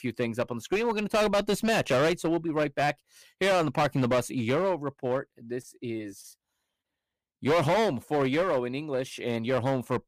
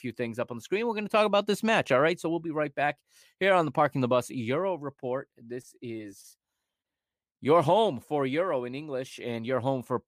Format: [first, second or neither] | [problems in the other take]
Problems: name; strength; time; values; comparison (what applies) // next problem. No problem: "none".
second | distortion; heavy; 12% of the sound clipped